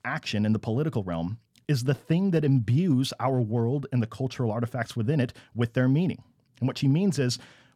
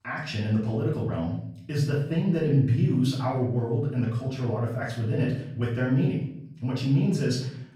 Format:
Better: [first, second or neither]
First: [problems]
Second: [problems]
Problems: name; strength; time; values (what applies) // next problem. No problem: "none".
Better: first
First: none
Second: off-mic speech; far // room echo; noticeable; dies away in 0.6 s